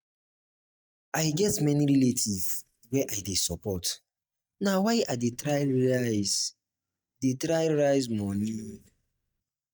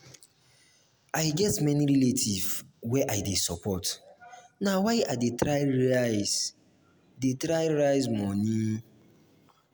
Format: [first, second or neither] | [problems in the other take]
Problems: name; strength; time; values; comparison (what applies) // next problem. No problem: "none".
second | noise reduction (neural mask model DeepFilterNet 3)